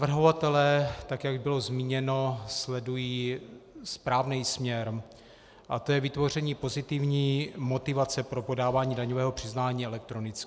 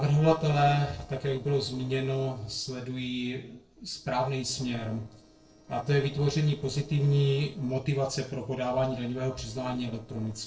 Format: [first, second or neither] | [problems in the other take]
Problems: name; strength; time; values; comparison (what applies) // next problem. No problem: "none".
first | noise reduction (neural separator model SepFormer DNS4)